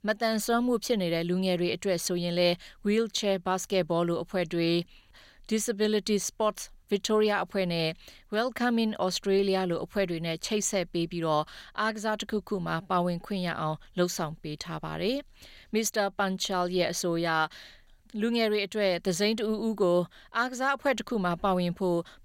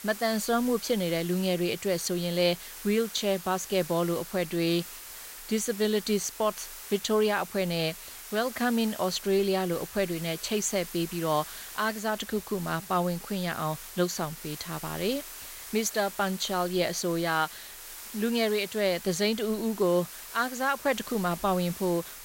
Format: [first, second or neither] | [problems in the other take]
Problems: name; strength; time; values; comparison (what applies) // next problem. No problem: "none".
first | hiss; noticeable; throughout; 10 dB below the speech